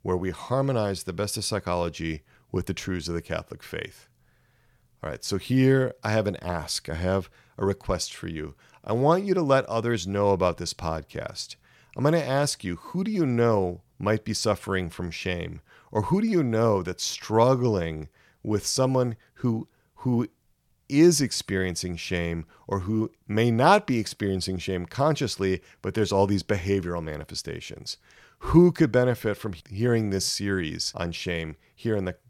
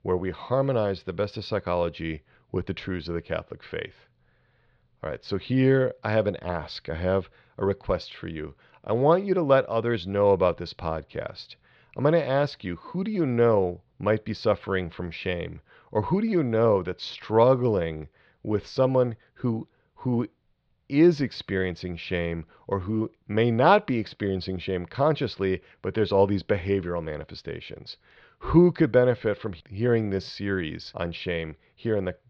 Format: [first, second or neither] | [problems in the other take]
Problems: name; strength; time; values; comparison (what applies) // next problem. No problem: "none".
first | muffled; slightly; fading above 4 kHz